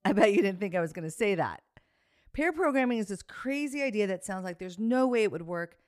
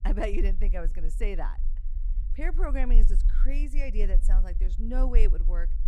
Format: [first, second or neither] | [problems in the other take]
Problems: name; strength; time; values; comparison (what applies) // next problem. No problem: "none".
first | low rumble; noticeable; throughout; 15 dB below the speech